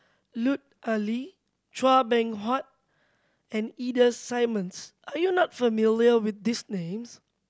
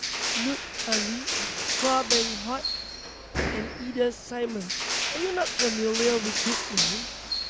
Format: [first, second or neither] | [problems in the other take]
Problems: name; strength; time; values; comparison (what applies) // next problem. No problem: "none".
first | background sound (Crushing); 1 dB above the speech